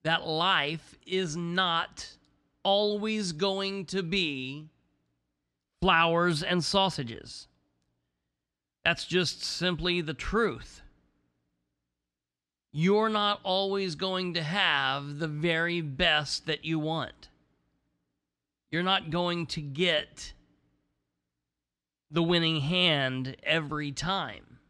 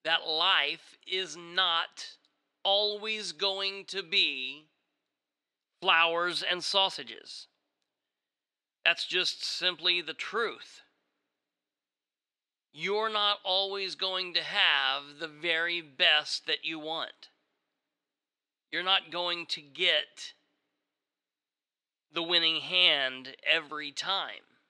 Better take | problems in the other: first | thin; very; fading below 500 Hz

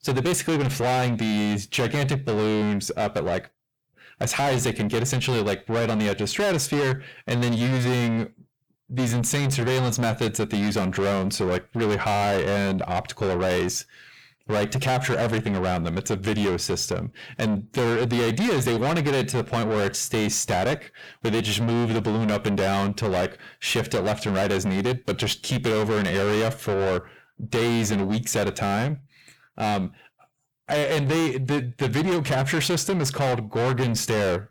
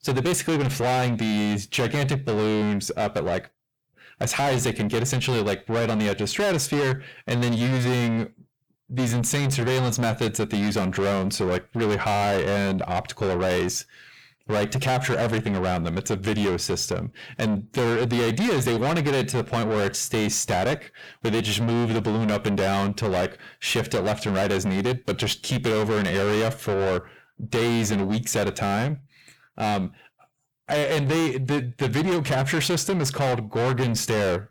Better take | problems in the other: neither | distortion; heavy; 6 dB below the speech; the same in both

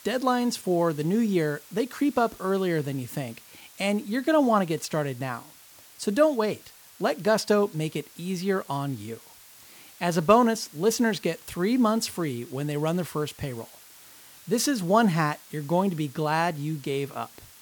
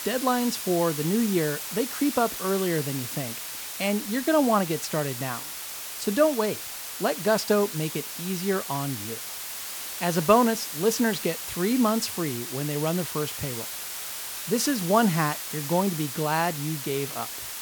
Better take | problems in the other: first | hiss; loud; throughout; 6 dB below the speech; faint in the first

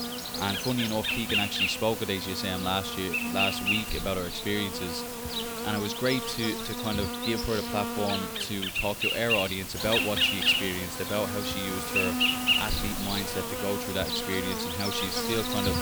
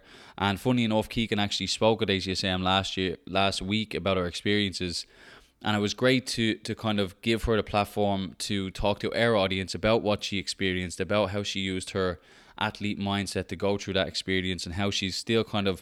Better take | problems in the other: second | animal sounds; very loud; throughout; 2 dB above the speech

